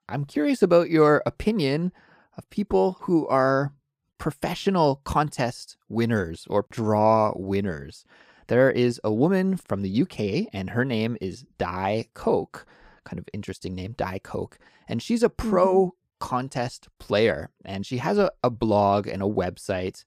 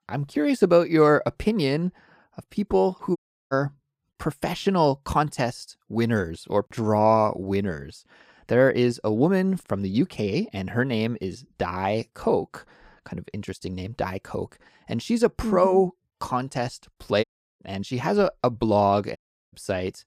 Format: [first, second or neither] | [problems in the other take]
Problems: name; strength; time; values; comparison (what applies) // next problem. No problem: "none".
first | audio cutting out; at 3 s, at 17 s and at 19 s